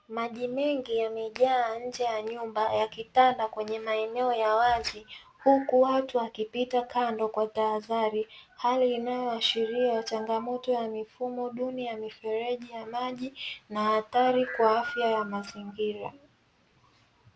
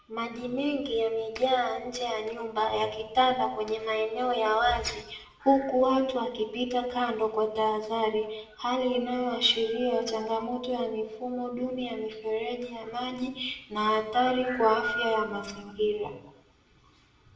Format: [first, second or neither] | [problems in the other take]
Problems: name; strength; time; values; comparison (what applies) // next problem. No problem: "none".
first | room echo; dies away in 0.7 s